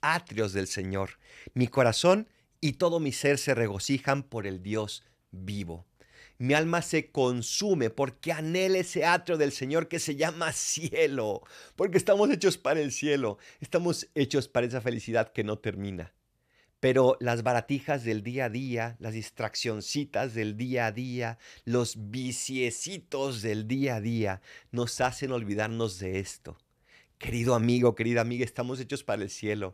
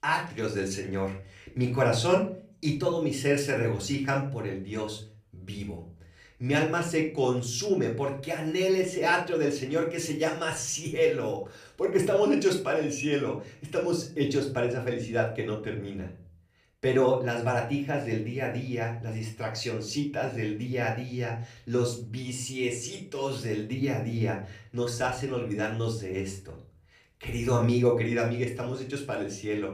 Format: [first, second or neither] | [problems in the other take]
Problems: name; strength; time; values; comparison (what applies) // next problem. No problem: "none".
first | room echo; slight; dies away in 0.4 s // off-mic speech; far